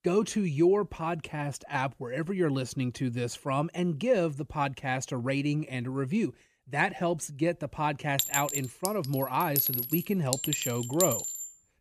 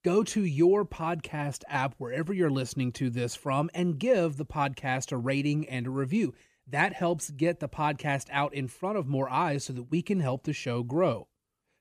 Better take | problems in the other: second | clattering dishes; loud; from 8 s on; peak 4 dB above the speech

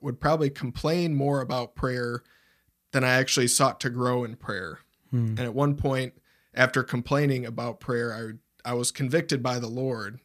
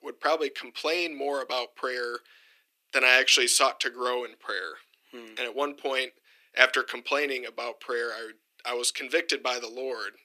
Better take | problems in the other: first | thin; very; fading below 350 Hz

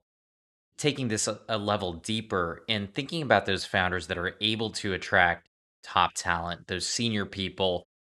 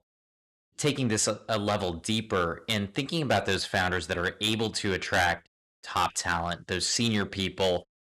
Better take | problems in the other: first | distortion; heavy; 4% of the sound clipped

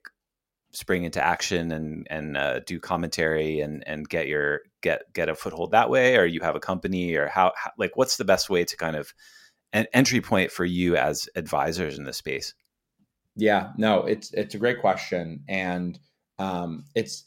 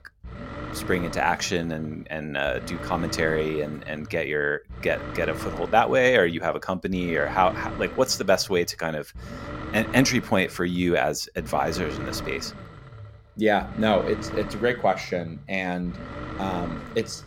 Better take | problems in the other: first | low rumble; noticeable; throughout; 15 dB below the speech

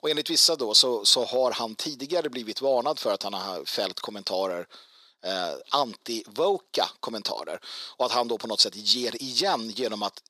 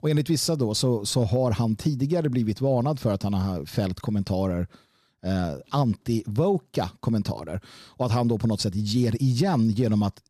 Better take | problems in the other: second | thin; very; fading below 400 Hz

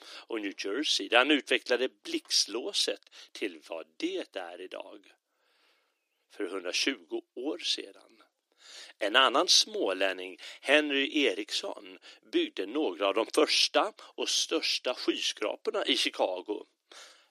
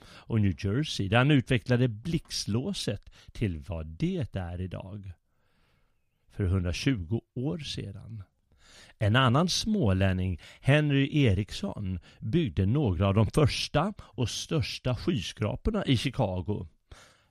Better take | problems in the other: second | thin; very; fading below 300 Hz

